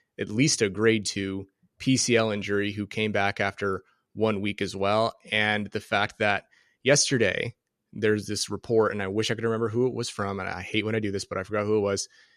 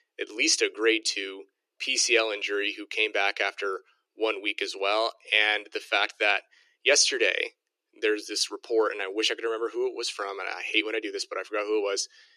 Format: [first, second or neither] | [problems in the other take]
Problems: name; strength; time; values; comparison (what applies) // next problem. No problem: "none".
first | thin; very; fading below 300 Hz